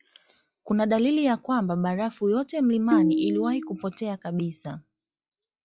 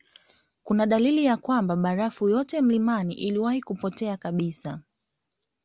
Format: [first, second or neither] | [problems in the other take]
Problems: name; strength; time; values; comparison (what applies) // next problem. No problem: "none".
second | noise reduction (classical method log-MMSE)